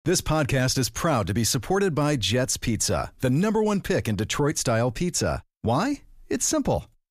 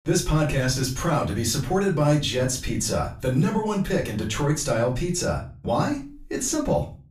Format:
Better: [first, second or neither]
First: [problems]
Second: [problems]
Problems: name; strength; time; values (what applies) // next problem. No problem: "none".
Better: first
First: none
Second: off-mic speech; far // room echo; slight; dies away in 0.3 s